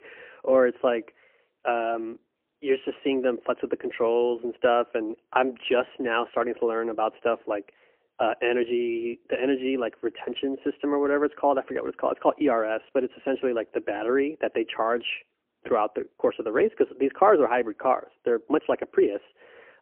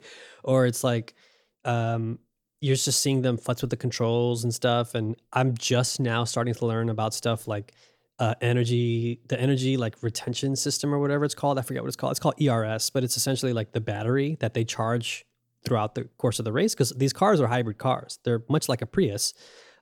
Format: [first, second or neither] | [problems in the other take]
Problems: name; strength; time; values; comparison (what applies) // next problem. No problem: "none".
second | phone-call audio; poor line; nothing above 3 kHz